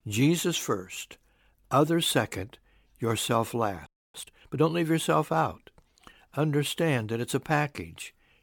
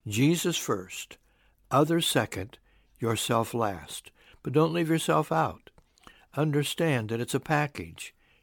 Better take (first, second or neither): second